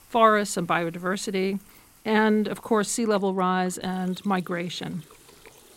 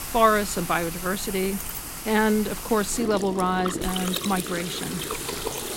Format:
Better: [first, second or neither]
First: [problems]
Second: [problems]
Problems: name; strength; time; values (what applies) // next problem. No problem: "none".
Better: first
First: rain or running water; faint; throughout; 25 dB below the speech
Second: rain or running water; loud; throughout; 6 dB below the speech